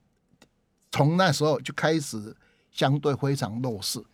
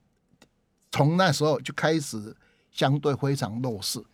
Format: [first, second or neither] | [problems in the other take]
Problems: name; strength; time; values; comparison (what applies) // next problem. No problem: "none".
neither | none